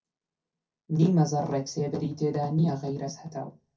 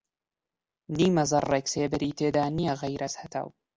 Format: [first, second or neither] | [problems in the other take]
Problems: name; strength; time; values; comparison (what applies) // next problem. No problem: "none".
second | room echo; dies away in 0.3 s